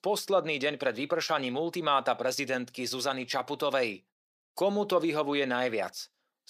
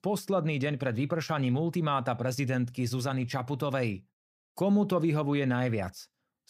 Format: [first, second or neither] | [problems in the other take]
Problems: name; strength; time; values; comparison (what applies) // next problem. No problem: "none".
second | thin; somewhat; fading below 450 Hz